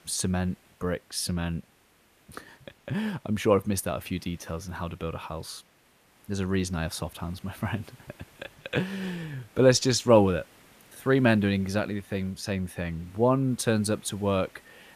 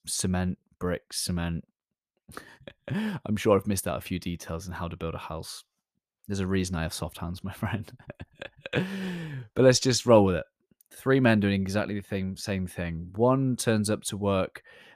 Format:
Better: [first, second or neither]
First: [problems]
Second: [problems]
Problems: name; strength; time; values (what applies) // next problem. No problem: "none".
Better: second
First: hiss; faint; throughout; 30 dB below the speech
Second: none